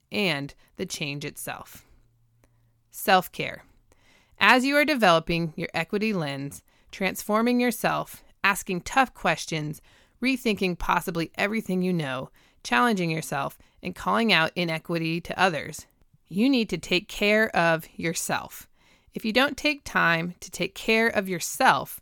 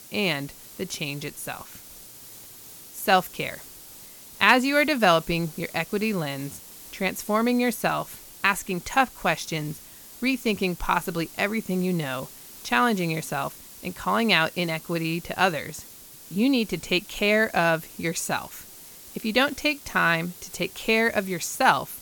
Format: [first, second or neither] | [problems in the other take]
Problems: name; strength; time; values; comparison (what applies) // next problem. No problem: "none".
first | hiss; noticeable; throughout; 20 dB below the speech